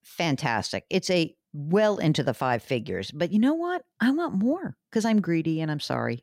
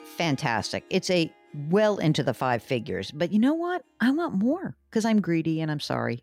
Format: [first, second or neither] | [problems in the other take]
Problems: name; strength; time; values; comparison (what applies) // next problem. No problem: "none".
first | background music; faint; throughout; 30 dB below the speech